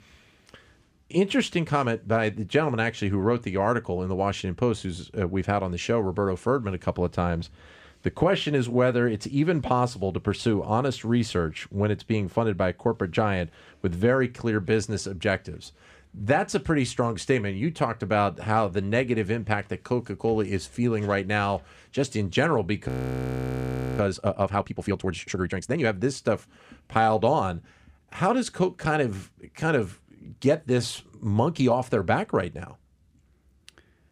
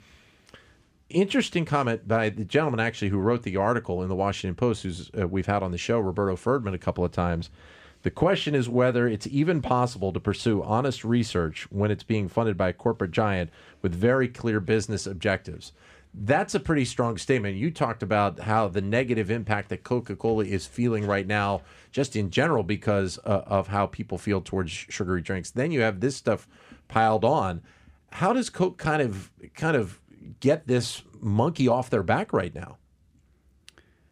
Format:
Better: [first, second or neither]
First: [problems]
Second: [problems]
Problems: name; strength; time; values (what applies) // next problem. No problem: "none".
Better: second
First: audio freezing; at 23 s for 1 s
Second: none